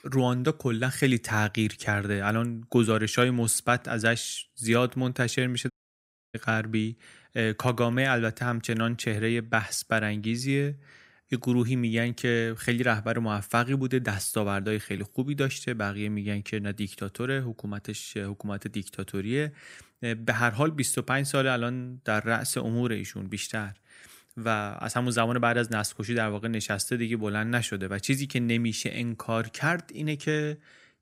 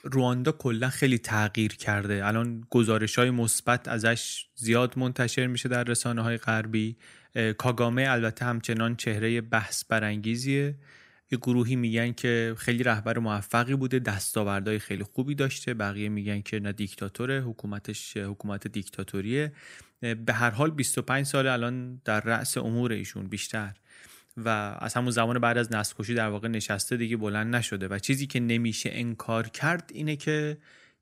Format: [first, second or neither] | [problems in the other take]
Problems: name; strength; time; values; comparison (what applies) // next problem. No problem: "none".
second | audio cutting out; at 5.5 s for 0.5 s